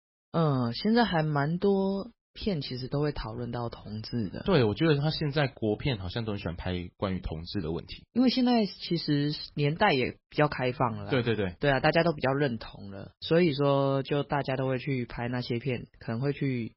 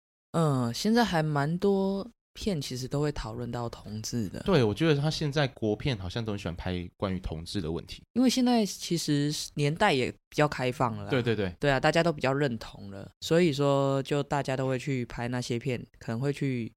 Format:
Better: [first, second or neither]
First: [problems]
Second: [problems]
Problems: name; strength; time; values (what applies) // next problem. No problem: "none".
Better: second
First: garbled, watery; badly; nothing above 5.5 kHz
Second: none